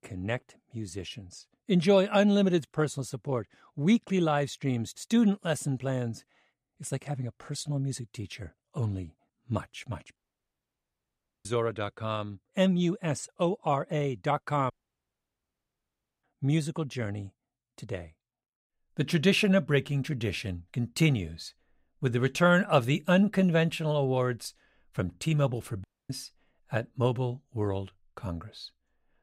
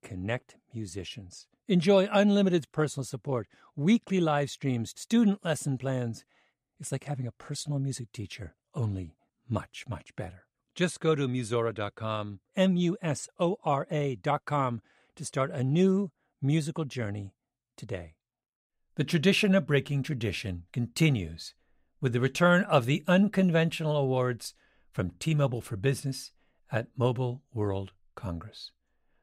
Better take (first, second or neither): second